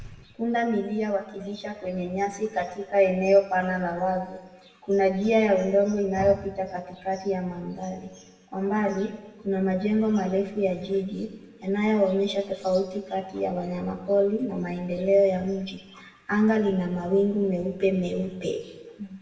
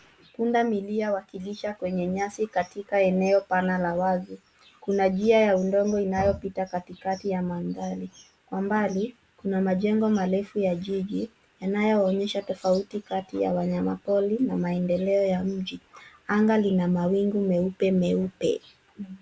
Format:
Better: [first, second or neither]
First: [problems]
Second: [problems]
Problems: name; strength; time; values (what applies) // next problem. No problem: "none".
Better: second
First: room echo; dies away in 1 s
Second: none